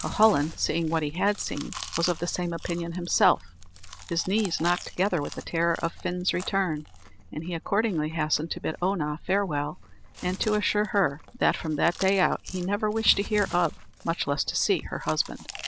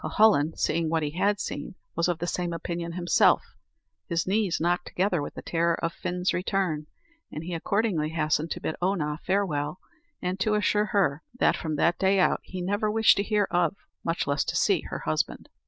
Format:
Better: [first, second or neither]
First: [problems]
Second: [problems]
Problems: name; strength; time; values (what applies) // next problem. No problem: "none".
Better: second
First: background sound (Chewing, mastication); 14 dB below the speech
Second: none